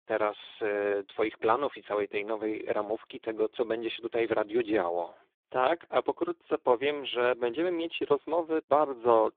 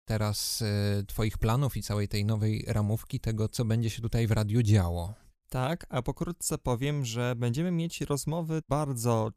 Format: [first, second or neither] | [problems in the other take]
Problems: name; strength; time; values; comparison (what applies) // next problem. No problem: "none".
second | phone-call audio; poor line; nothing above 3.5 kHz